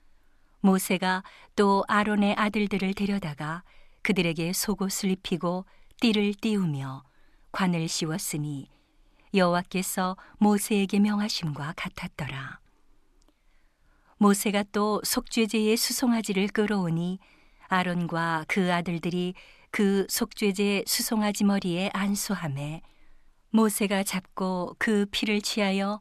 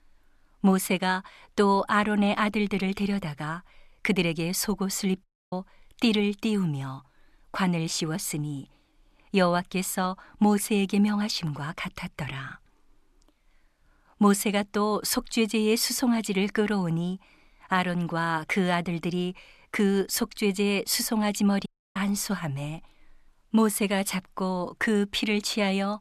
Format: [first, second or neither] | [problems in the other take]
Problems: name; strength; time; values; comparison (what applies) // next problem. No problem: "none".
first | audio cutting out; at 5 s and at 22 s